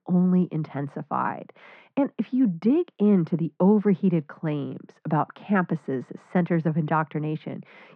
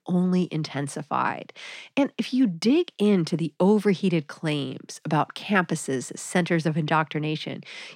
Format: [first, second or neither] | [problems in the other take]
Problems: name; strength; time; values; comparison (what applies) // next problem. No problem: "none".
second | muffled; very; fading above 1.5 kHz